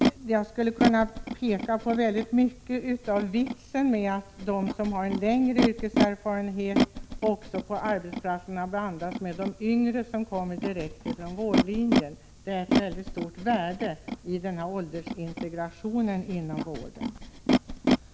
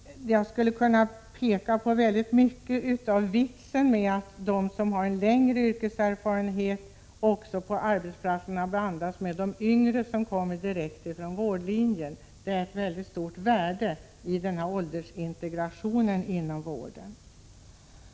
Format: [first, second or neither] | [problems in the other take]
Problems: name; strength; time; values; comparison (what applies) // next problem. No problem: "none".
second | background sound (Animal); 2 dB below the speech